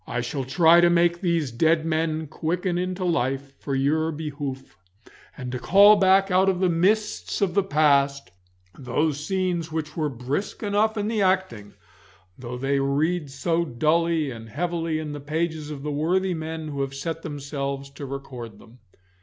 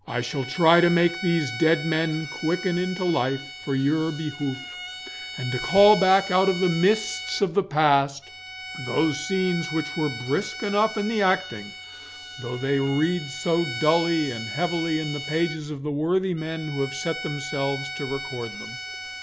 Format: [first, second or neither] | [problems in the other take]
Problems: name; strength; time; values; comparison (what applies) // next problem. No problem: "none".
first | background sound (Bowed string instrument); 11 dB below the speech